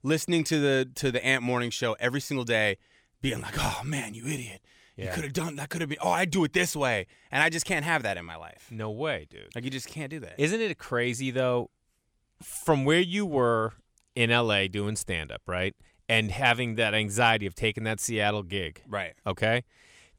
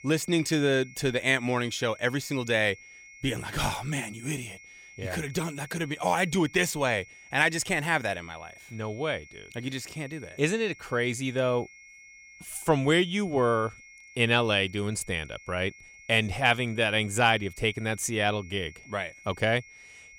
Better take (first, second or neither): first